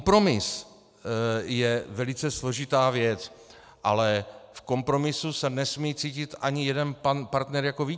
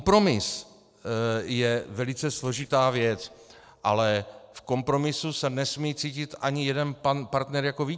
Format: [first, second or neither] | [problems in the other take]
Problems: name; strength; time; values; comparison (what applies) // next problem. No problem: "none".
first | noise reduction (neural separator model SepFormer DNS4)